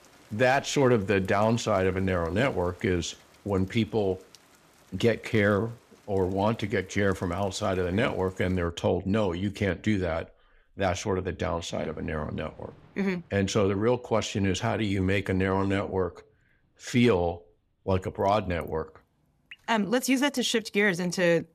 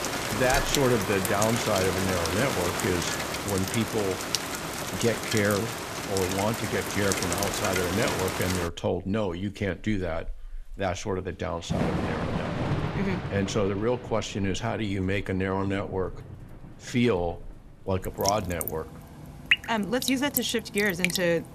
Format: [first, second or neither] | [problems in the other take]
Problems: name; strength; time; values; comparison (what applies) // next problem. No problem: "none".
first | rain or running water; loud; throughout; 1 dB below the speech; faint in the first